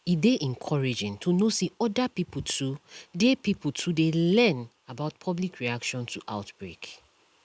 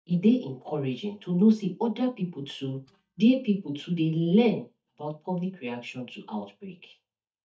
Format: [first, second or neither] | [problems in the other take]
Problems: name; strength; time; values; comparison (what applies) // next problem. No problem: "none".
first | noise reduction (neural mask model DeepFilterNet 3)